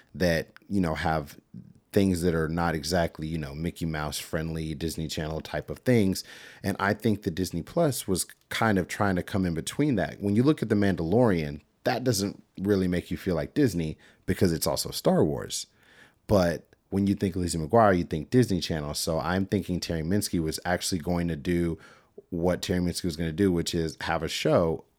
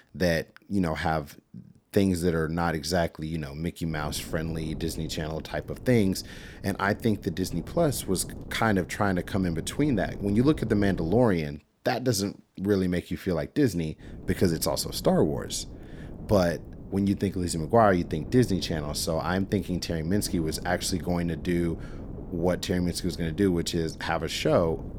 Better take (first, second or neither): first